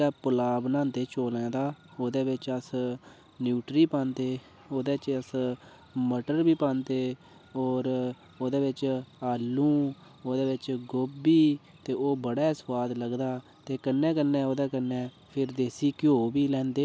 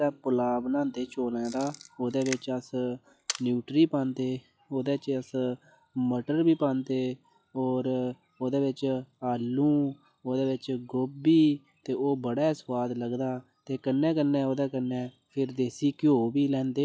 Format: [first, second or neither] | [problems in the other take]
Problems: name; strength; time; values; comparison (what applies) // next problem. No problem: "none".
first | noise reduction (classical method log-MMSE)